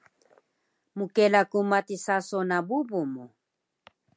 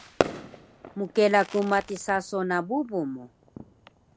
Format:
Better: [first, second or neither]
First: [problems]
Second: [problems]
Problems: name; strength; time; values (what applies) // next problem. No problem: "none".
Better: first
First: none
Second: background sound (Fireworks); 9 dB below the speech